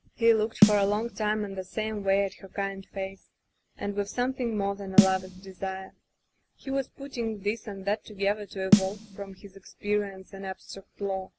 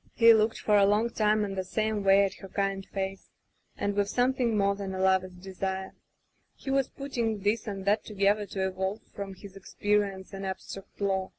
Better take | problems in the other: second | background sound (Snare drum); 1 dB above the speech

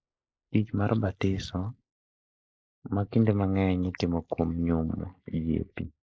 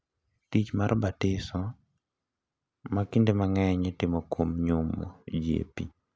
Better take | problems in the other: second | noise reduction (neural mask model Resemble Enhance denoiser)

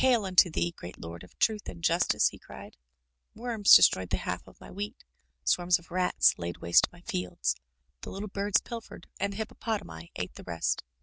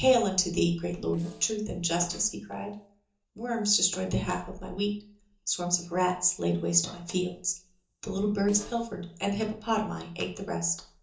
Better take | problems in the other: first | noise reduction (neural separator model SepFormer DNS4)

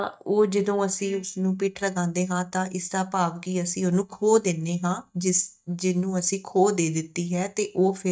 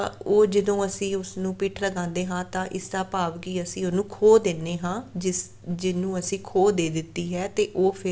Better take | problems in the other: second | noise reduction (neural mask model DeepFilterNet 3)

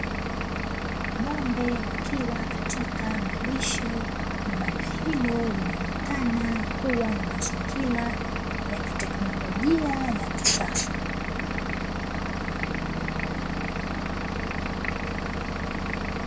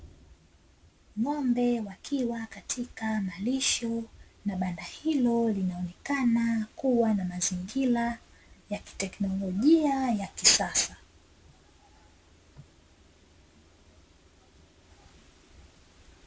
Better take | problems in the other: second | background sound (Engine / Vehicle); 3 dB above the speech

